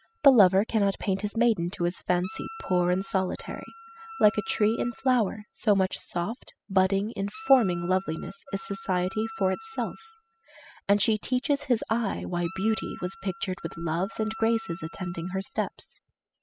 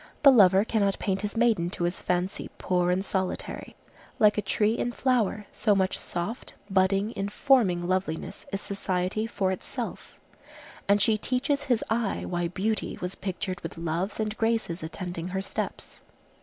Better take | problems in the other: second | noise reduction (classical method spectral subtraction)

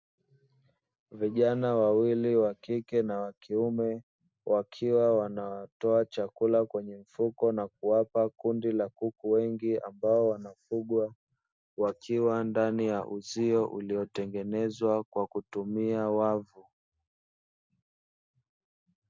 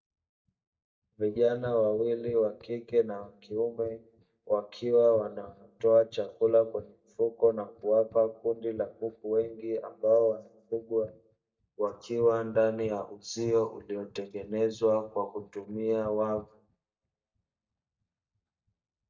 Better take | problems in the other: first | noise reduction (neural mask model DeepFilterNet 3)

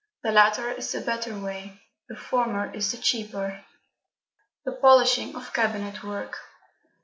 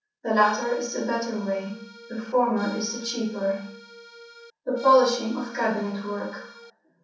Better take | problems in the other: first | background sound (Accordion); 17 dB below the speech // room echo; dies away in 0.6 s

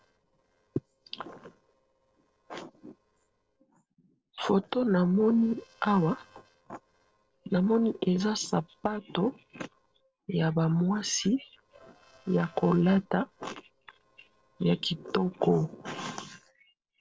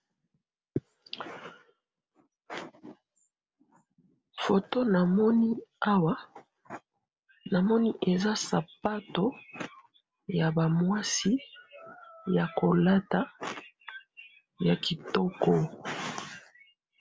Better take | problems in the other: second | noise reduction (neural separator model SepFormer DNS4)

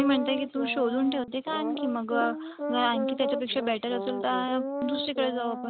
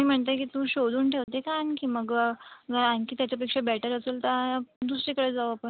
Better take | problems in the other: second | background sound (Brass instrument); 5 dB below the speech

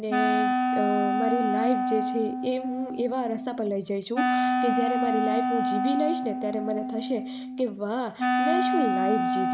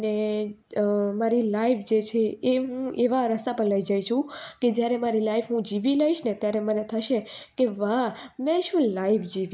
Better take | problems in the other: second | background sound (Wind instrument, woodwind instrument); 3 dB above the speech

